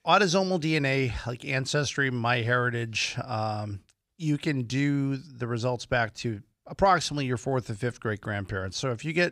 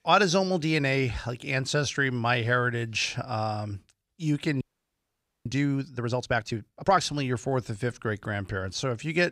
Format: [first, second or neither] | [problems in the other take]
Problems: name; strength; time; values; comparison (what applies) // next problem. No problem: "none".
first | audio freezing; at 4.5 s for 1 s